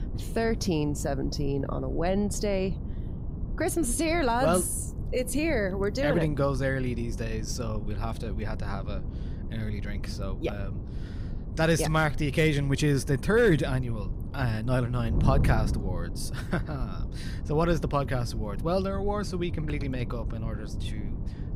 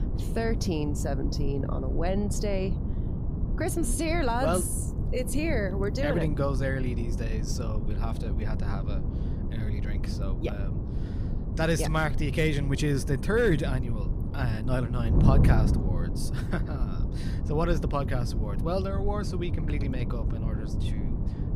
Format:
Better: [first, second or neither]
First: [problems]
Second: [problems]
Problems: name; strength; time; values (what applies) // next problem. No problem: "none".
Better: first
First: wind noise on the microphone; occasional gusts; 15 dB below the speech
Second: wind noise on the microphone; heavy; 9 dB below the speech